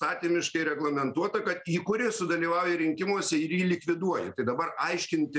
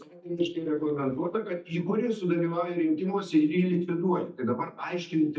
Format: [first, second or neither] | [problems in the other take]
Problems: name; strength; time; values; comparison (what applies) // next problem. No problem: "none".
first | noise reduction (neural mask model DeepFilterNet 3)